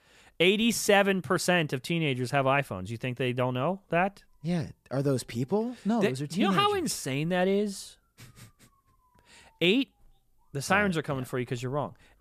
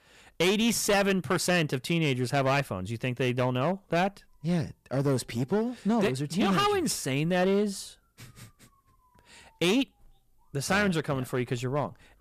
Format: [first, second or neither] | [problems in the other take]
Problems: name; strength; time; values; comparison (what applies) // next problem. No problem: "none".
first | distortion; slight; 7% of the sound clipped